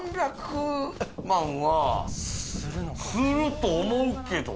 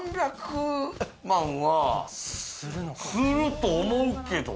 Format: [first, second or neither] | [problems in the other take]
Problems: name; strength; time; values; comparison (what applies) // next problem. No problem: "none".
second | background sound (Thunder); 11 dB below the speech